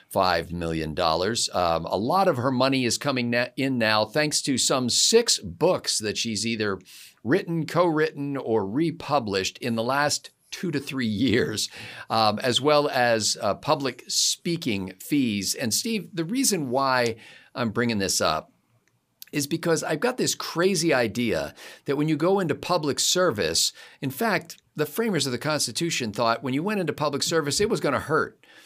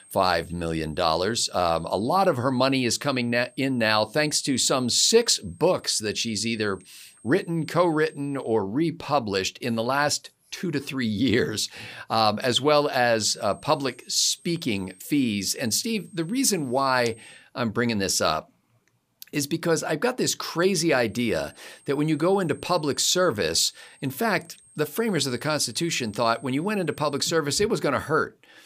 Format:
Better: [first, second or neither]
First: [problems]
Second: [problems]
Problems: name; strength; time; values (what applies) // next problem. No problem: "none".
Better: first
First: none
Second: high-pitched whine; faint; until 8.5 s, from 13 to 17 s and from 21 to 27 s; 8.5 kHz, 30 dB below the speech